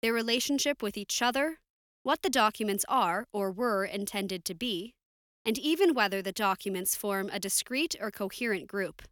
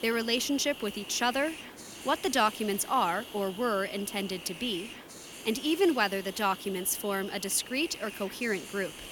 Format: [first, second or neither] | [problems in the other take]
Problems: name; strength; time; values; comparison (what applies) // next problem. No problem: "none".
first | hiss; noticeable; throughout; 15 dB below the speech